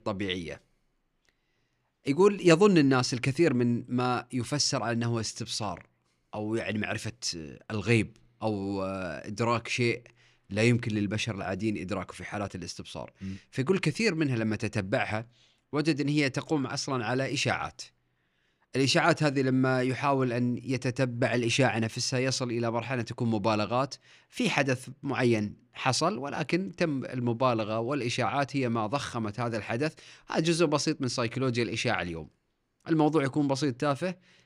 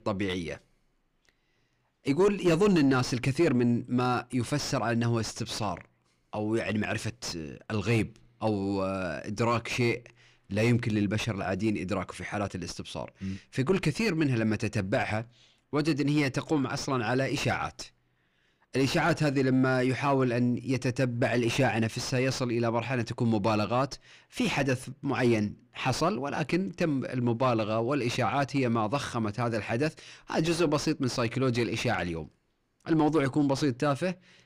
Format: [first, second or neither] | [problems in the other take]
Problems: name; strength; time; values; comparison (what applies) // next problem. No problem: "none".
first | distortion; slight; 10 dB below the speech